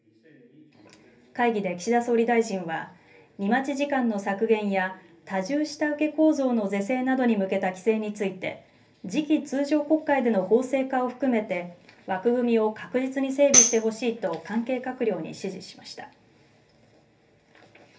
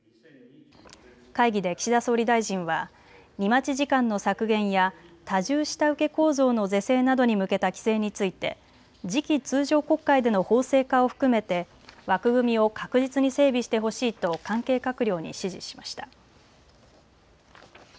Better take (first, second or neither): second